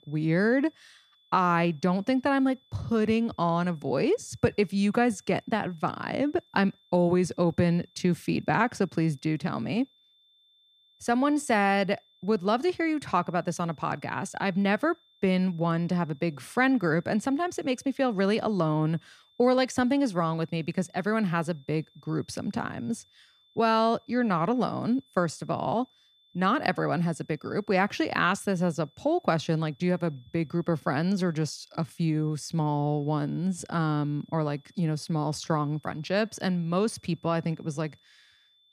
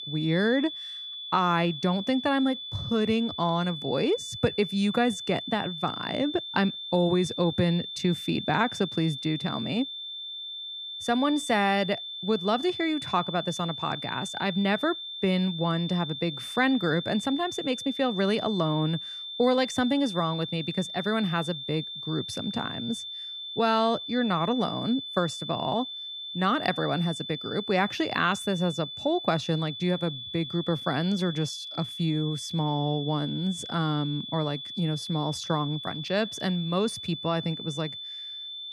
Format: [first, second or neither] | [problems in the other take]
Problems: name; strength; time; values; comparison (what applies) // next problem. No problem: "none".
first | high-pitched whine; loud; throughout; 3.5 kHz, 7 dB below the speech; faint in the first